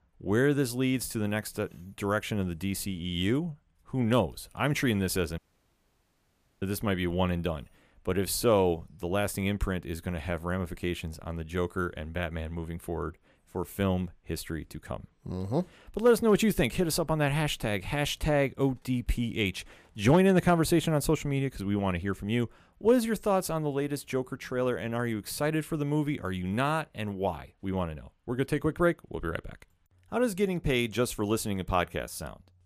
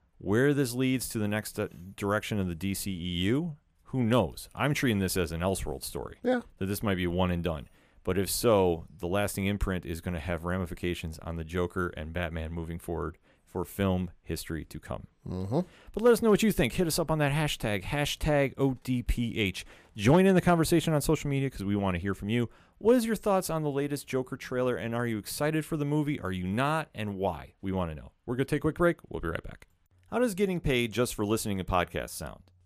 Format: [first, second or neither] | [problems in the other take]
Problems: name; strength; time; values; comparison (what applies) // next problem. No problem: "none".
second | audio cutting out; at 5.5 s for 1 s